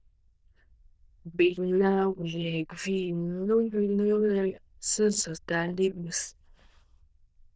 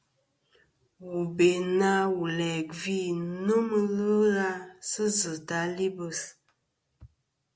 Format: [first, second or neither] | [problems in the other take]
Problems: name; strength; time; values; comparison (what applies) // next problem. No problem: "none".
second | noise reduction (neural diffusion model UNIVERSE++)